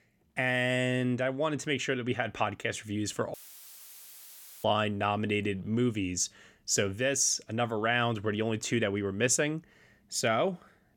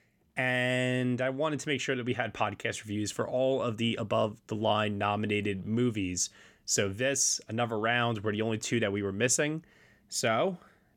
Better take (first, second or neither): second